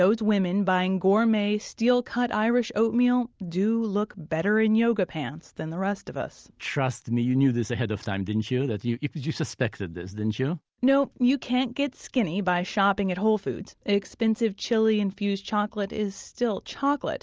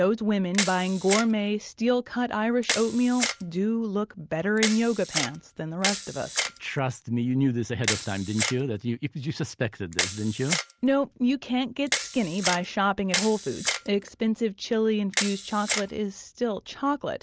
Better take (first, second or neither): first